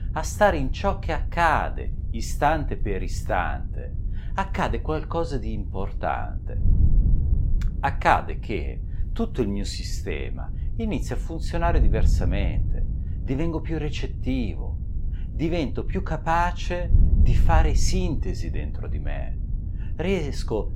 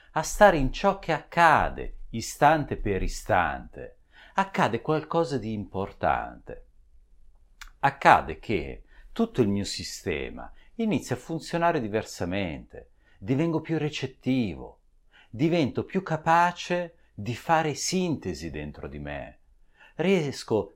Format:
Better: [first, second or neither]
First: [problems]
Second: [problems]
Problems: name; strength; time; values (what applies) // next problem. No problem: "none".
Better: second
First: wind noise on the microphone; occasional gusts; 20 dB below the speech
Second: none